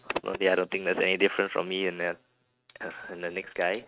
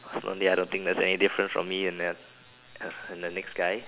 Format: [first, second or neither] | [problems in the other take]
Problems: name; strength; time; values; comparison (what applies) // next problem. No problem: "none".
second | noise reduction (neural mask model RNNoise)